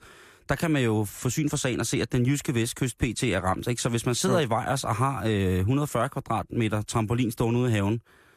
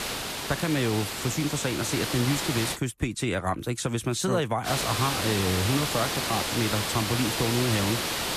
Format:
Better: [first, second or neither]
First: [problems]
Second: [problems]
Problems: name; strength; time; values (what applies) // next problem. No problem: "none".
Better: first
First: none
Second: hiss; loud; until 3 s and from 4.5 s on; 1 dB below the speech